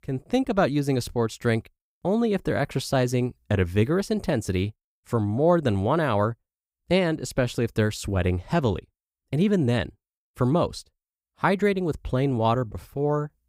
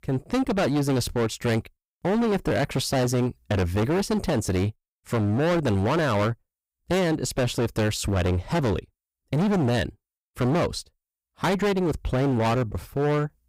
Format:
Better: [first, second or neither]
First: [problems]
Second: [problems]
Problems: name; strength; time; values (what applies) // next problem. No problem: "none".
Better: first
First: none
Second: distortion; heavy; 23% of the sound clipped